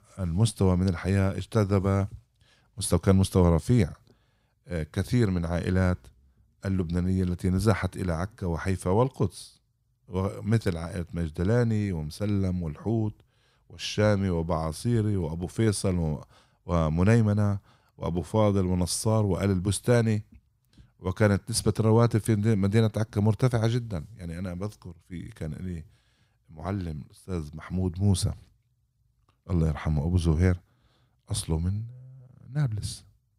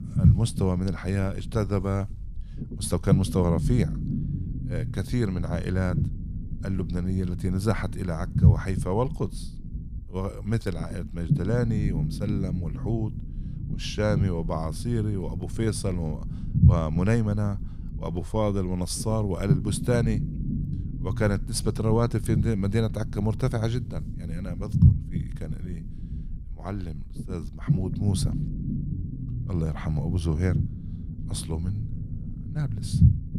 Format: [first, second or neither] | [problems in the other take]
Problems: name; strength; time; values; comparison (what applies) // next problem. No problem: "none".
first | low rumble; loud; throughout; 8 dB below the speech